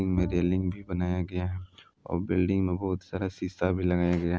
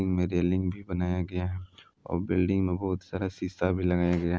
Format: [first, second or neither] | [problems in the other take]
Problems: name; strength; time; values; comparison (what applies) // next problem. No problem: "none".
second | background sound (Bowed string instrument); 13 dB below the speech